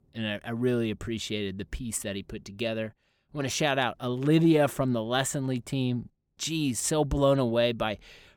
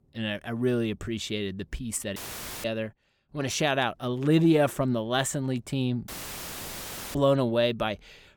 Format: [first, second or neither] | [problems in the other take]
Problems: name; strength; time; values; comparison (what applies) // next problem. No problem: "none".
first | audio cutting out; filled with static; at 2 s and at 6 s for 1 s